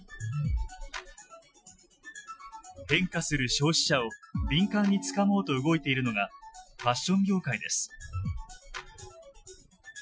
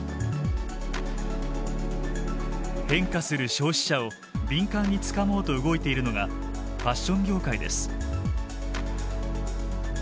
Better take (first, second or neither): second